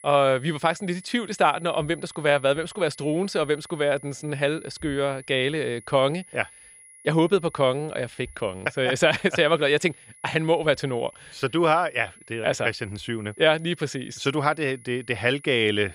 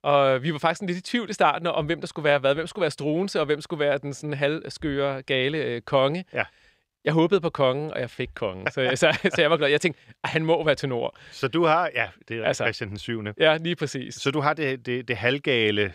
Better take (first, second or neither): second